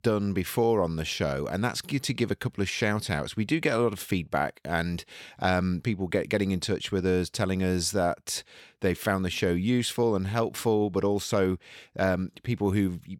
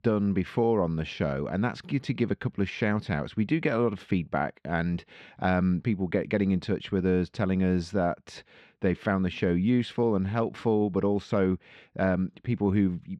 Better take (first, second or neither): first